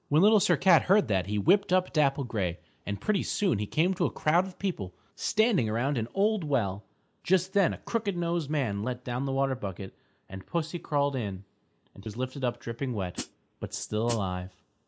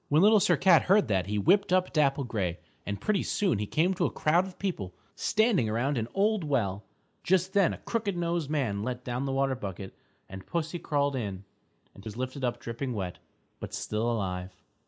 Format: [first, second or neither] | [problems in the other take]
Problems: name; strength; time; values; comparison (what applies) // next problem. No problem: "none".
second | background sound (Hi-hat); 10 dB below the speech